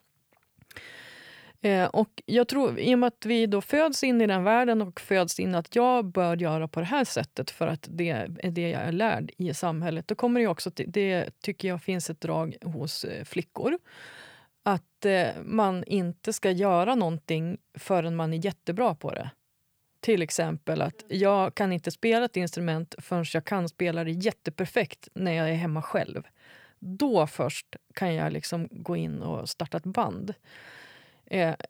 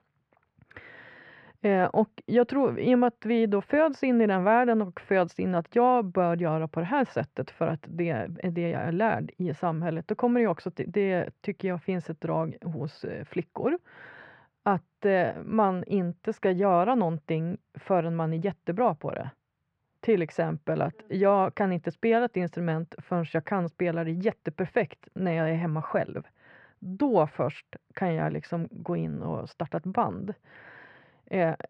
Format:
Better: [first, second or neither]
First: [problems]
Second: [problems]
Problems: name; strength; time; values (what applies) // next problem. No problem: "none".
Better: first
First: none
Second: muffled; very; fading above 1.5 kHz